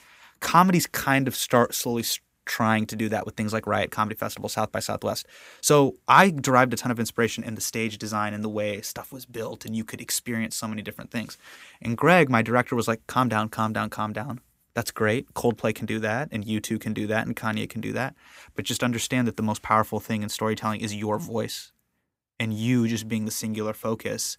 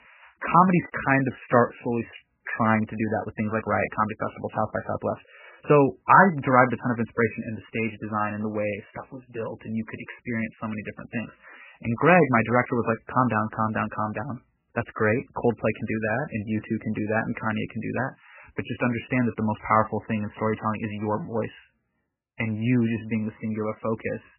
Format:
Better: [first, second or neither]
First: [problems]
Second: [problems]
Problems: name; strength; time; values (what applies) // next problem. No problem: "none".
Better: first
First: none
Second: garbled, watery; badly; nothing above 2.5 kHz